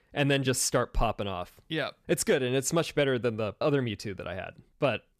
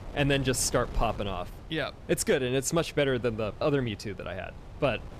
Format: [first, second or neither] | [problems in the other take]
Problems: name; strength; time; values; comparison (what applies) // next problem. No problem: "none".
first | wind noise on the microphone; occasional gusts; 20 dB below the speech